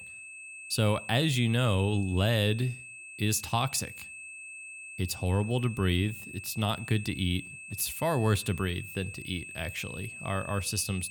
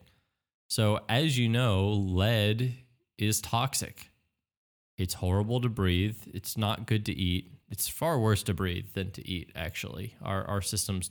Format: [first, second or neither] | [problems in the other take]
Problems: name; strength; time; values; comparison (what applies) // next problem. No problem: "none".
second | high-pitched whine; noticeable; throughout; 2.5 kHz, 10 dB below the speech